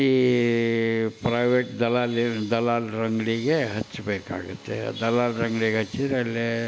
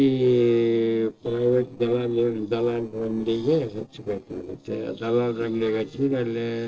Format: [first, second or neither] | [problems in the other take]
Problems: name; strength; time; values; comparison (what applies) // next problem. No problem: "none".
first | noise reduction (neural separator model SepFormer DNS4)